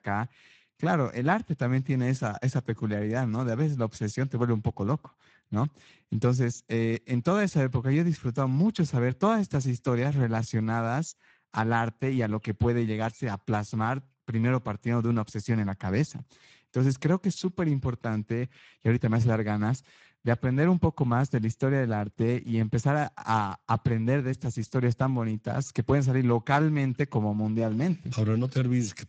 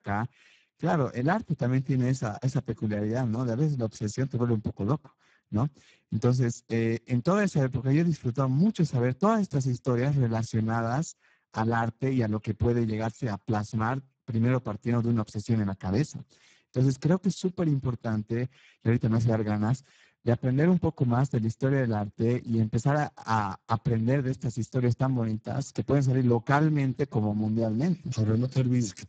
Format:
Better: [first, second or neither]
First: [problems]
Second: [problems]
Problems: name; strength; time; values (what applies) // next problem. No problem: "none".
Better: first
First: garbled, watery; slightly; nothing above 7.5 kHz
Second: garbled, watery; badly; nothing above 7.5 kHz